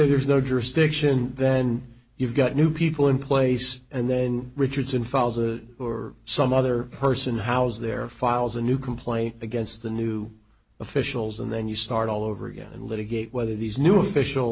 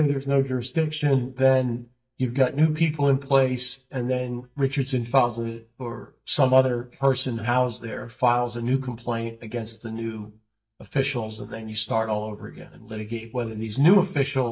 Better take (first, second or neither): first